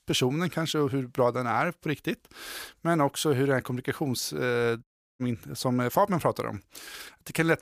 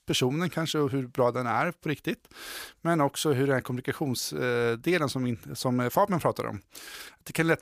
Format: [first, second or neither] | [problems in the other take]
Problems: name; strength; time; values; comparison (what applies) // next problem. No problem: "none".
second | audio cutting out; at 5 s